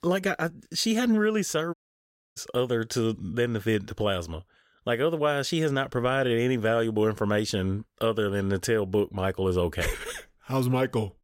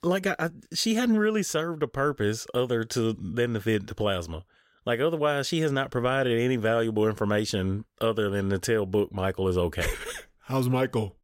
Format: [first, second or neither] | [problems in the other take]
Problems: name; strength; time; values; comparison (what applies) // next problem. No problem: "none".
second | audio cutting out; at 1.5 s for 0.5 s